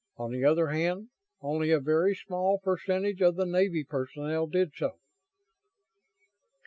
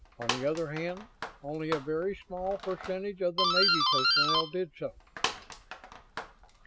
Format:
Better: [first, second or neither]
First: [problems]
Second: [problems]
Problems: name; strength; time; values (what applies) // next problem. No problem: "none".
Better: first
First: none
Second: background sound (Doorbell); 2 dB above the speech